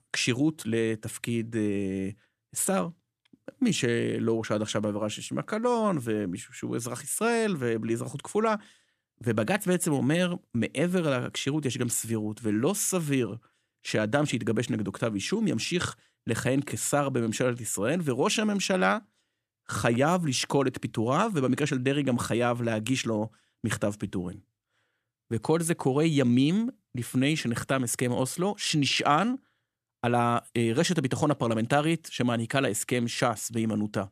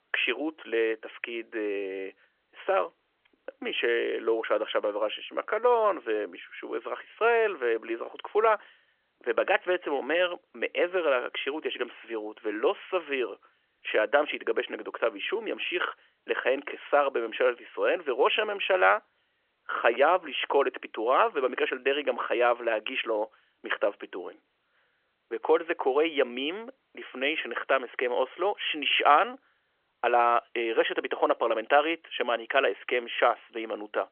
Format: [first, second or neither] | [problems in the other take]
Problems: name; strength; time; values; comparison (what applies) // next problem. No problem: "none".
first | phone-call audio; nothing above 3.5 kHz